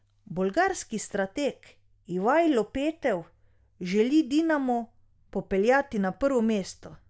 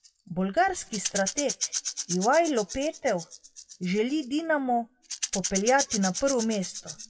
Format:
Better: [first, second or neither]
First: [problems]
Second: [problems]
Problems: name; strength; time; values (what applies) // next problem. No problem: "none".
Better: first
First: none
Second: noise reduction (classical method WPE with log-MMSE)